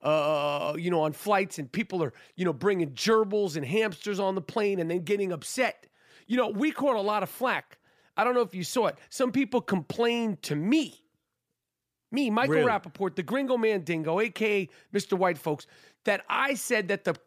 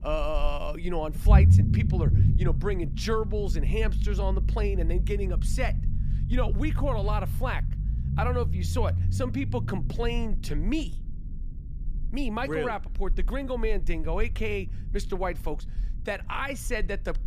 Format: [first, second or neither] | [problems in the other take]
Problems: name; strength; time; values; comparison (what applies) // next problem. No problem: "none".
first | low rumble; loud; throughout; 9 dB below the speech